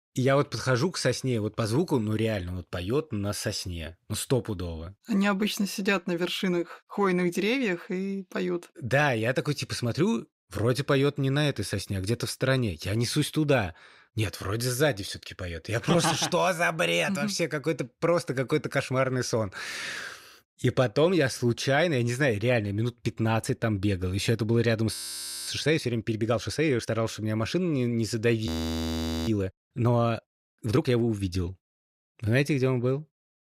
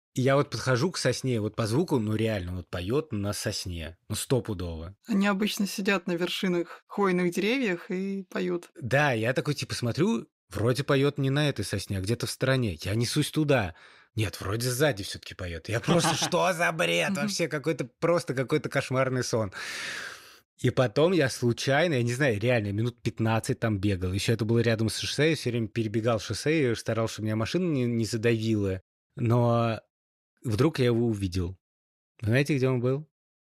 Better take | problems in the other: second | audio freezing; at 25 s for 0.5 s and at 28 s for 1 s

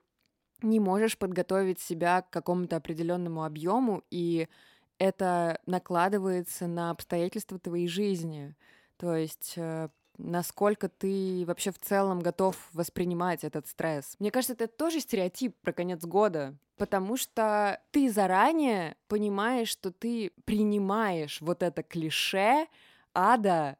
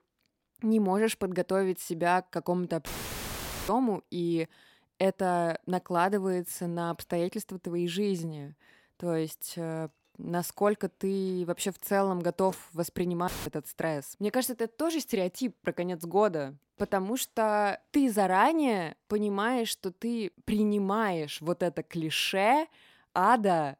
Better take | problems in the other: first | audio cutting out; filled with static; at 3 s for 1 s and at 13 s

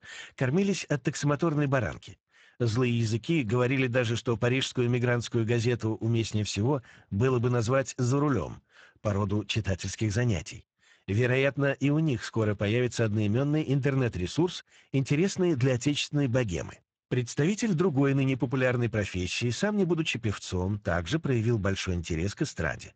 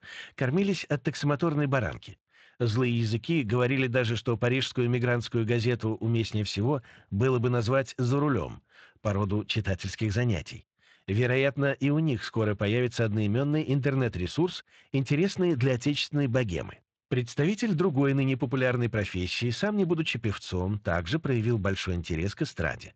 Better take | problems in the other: second | garbled, watery; badly; nothing above 7.5 kHz; slightly in the second

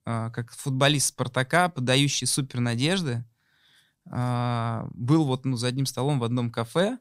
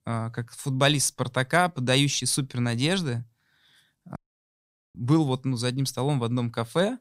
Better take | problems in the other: first | audio cutting out; at 4 s for 1 s

